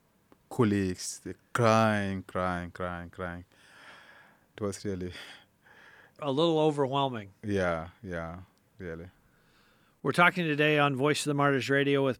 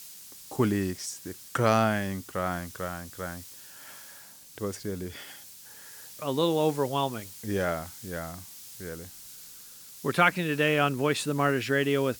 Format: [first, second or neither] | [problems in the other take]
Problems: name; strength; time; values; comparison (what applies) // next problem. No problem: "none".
first | hiss; noticeable; throughout; 15 dB below the speech